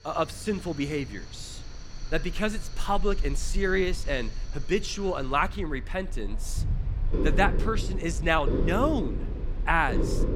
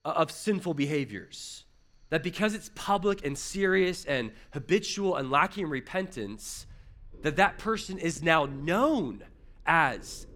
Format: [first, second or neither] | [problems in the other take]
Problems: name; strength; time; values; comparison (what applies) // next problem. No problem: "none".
second | animal sounds; loud; throughout; 5 dB below the speech; faint in the second